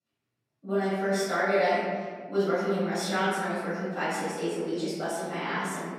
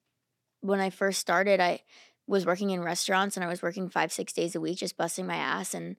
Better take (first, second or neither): second